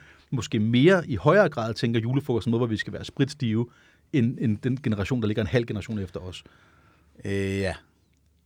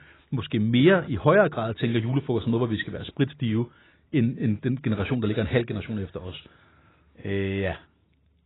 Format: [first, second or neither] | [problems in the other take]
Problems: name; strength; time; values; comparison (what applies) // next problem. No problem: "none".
first | garbled, watery; badly; nothing above 4 kHz